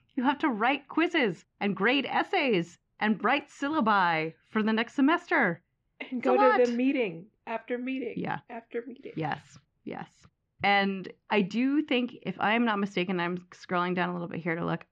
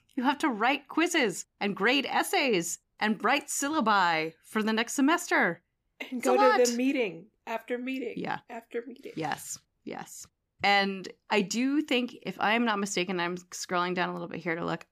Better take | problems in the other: second | muffled; slightly; fading above 3 kHz

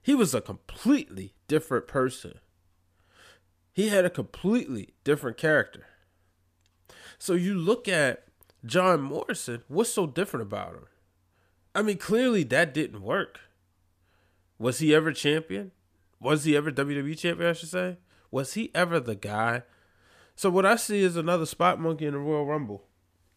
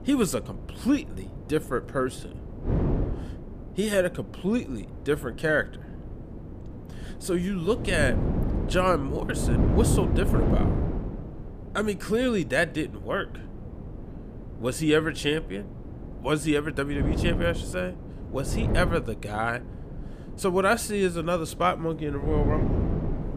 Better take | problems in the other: first | wind noise on the microphone; occasional gusts; 10 dB below the speech

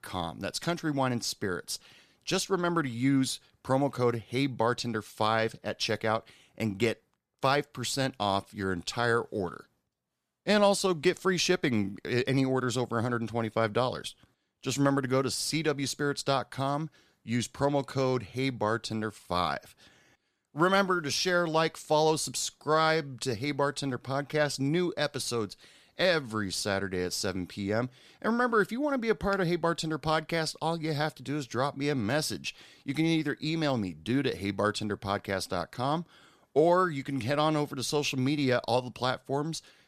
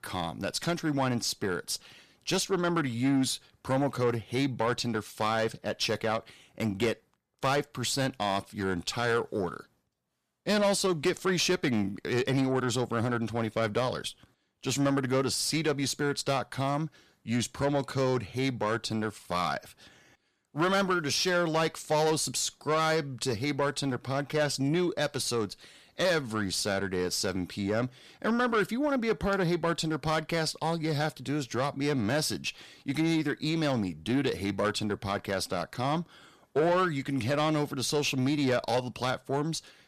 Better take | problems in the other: first | distortion; slight; 10 dB below the speech

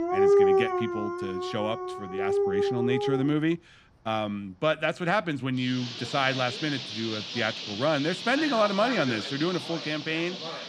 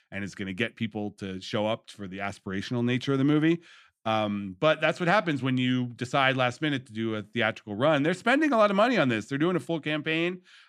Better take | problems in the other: second | animal sounds; loud; throughout; 1 dB below the speech

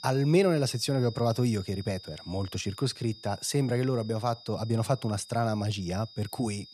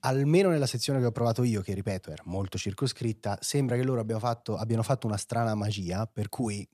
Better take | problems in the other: second | high-pitched whine; noticeable; throughout; 5 kHz, 20 dB below the speech

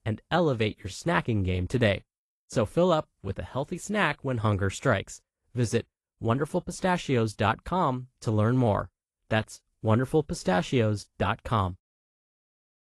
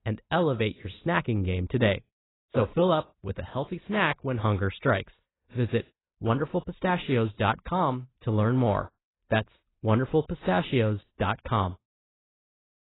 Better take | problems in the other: first | garbled, watery; badly; nothing above 4 kHz; slightly in the first

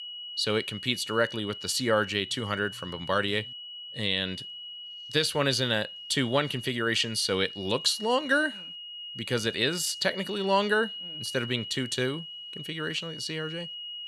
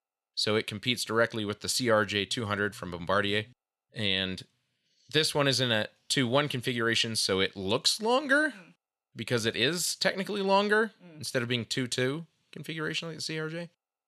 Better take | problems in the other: second | high-pitched whine; noticeable; throughout; 3 kHz, 10 dB below the speech

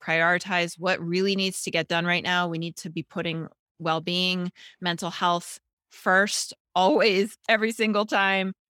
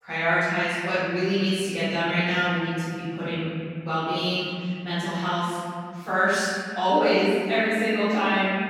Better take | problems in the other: first | off-mic speech; far // room echo; strong; dies away in 2.7 s

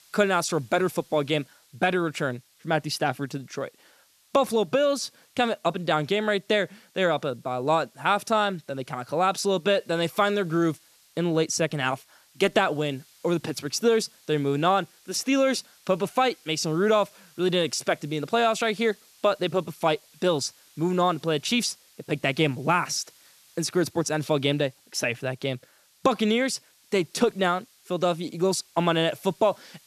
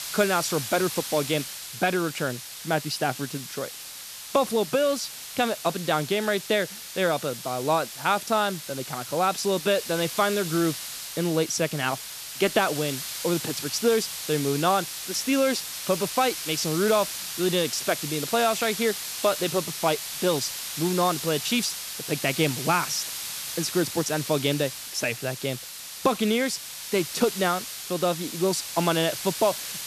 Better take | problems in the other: first | hiss; loud; throughout; 7 dB below the speech; faint in the first

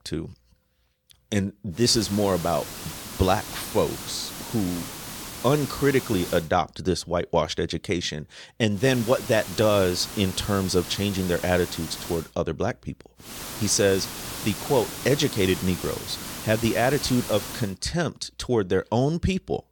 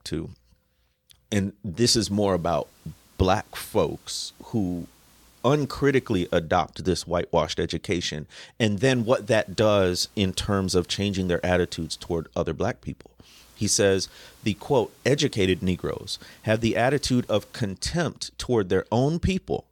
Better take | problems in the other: second | hiss; loud; from 2 to 6.5 s, from 9 to 12 s and from 13 to 18 s; 10 dB below the speech; faint in the second

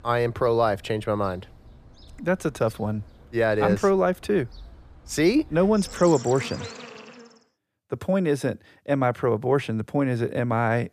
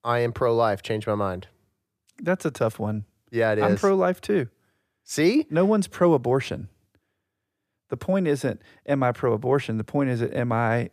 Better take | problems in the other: second | animal sounds; noticeable; until 7 s; 20 dB below the speech

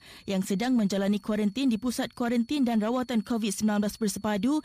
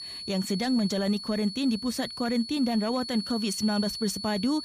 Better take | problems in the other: first | high-pitched whine; loud; throughout; 4.5 kHz, 7 dB below the speech; faint in the first

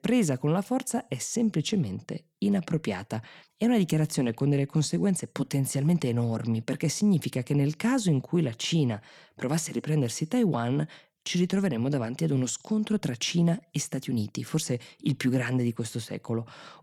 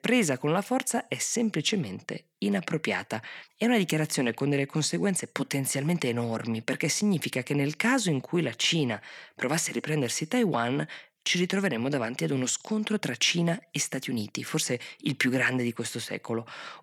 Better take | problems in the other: first | thin; very slightly; fading below 350 Hz

